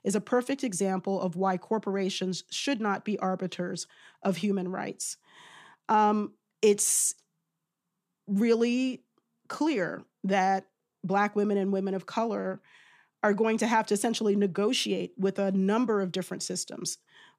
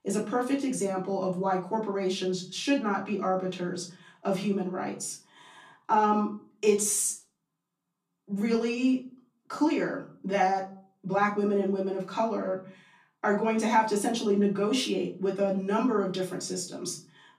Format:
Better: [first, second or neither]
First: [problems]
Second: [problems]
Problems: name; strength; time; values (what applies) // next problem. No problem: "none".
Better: first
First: none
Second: room echo; slight; dies away in 0.4 s // off-mic speech; far